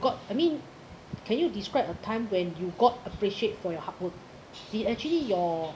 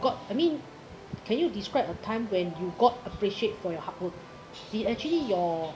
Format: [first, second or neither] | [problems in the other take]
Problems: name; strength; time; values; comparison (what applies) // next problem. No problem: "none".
first | background sound (Keyboard (musical)); 20 dB below the speech